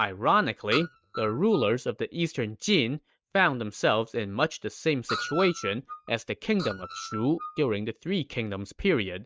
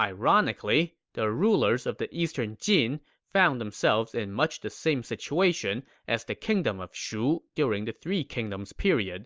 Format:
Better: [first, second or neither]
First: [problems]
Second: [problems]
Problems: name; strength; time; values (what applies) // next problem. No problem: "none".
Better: second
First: noise reduction (neural mask model RNNoise)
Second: none